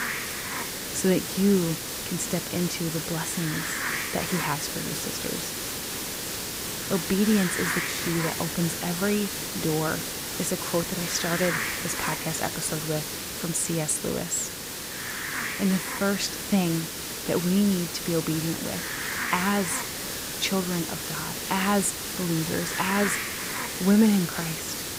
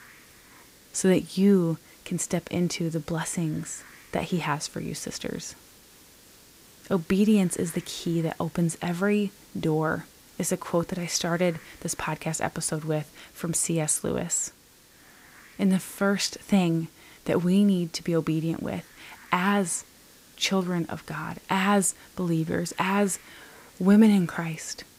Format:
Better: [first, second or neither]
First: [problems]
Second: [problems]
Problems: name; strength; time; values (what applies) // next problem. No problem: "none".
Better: second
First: hiss; loud; throughout; 2 dB below the speech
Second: hiss; faint; throughout; 25 dB below the speech